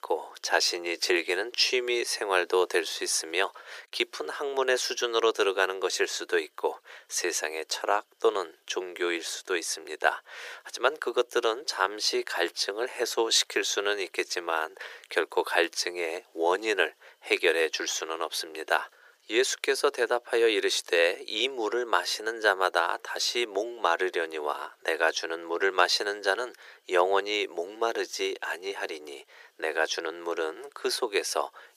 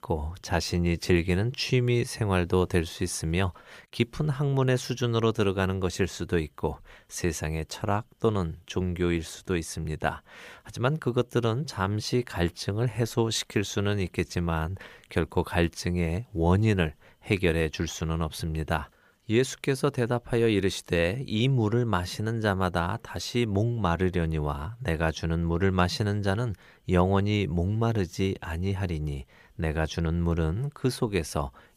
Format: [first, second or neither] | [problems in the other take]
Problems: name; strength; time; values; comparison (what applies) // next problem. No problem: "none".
second | thin; very; fading below 400 Hz